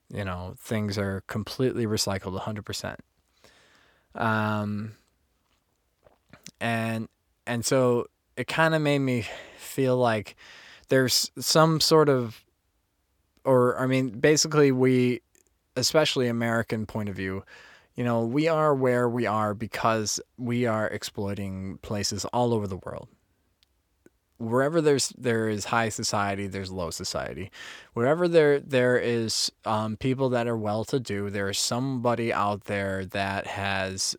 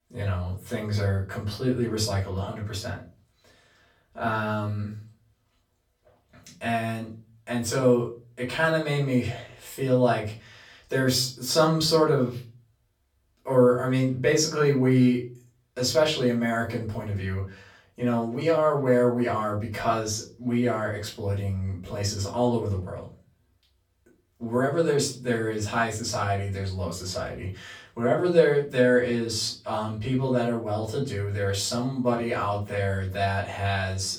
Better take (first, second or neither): first